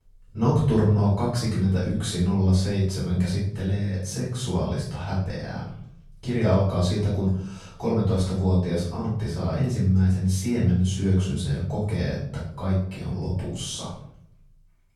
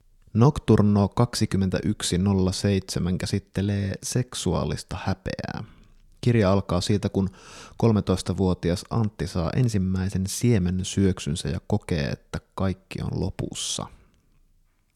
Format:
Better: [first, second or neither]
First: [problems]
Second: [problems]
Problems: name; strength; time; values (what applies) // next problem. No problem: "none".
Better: second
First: room echo; noticeable; dies away in 0.6 s // off-mic speech; far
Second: none